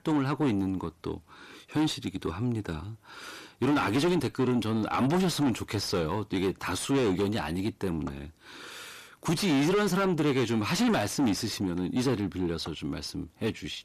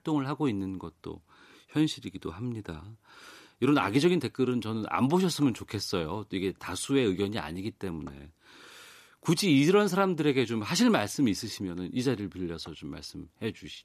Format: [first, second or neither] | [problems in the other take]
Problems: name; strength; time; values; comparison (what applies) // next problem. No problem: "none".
second | distortion; heavy; 7 dB below the speech